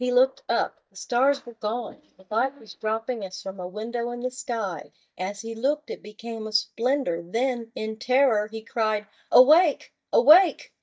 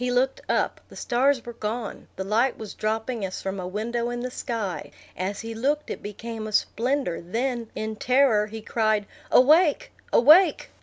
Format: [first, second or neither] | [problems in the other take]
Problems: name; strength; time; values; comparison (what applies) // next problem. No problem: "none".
second | noise reduction (neural mask model DeepFilterNet 3)